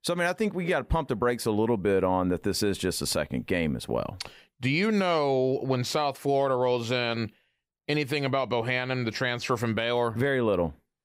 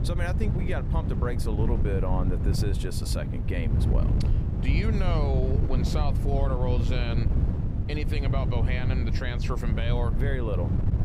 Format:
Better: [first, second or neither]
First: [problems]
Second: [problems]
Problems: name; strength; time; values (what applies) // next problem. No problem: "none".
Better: first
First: none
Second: wind noise on the microphone; heavy; 5 dB below the speech